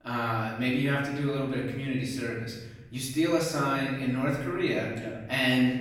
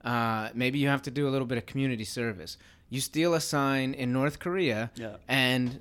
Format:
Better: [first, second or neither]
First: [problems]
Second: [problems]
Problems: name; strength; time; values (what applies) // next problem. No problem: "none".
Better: second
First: off-mic speech; far // room echo; noticeable; dies away in 1 s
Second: none